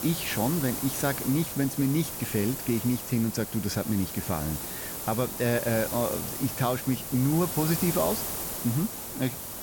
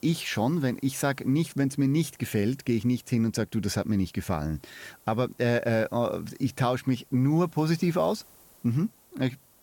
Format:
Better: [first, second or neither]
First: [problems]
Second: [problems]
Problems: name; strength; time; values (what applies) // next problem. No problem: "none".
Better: second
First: hiss; loud; throughout; 4 dB below the speech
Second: hiss; faint; throughout; 25 dB below the speech